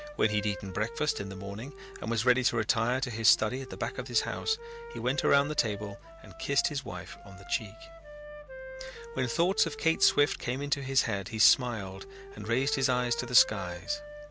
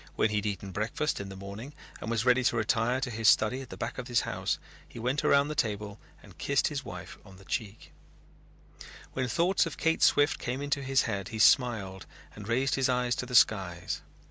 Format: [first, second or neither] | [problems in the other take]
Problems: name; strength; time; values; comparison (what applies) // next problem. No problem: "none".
second | background sound (Wind instrument, woodwind instrument); 14 dB below the speech